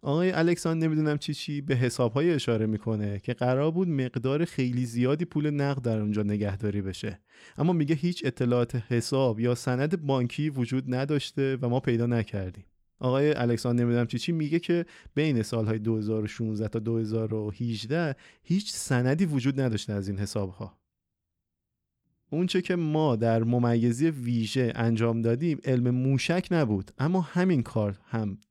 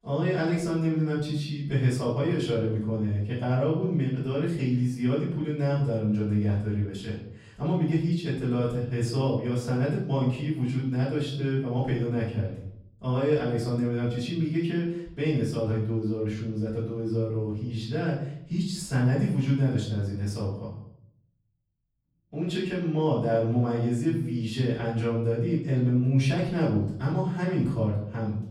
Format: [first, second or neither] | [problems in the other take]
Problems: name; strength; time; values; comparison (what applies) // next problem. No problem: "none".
first | room echo; noticeable; dies away in 0.7 s // off-mic speech; far